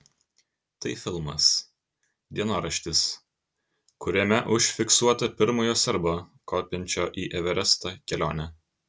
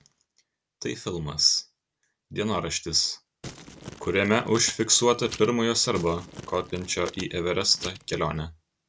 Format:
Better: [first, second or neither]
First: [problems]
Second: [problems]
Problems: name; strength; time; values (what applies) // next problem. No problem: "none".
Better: first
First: none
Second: background sound (Crumpling, crinkling); 16 dB below the speech